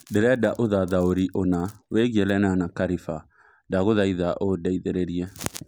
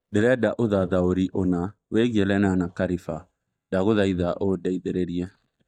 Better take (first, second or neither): first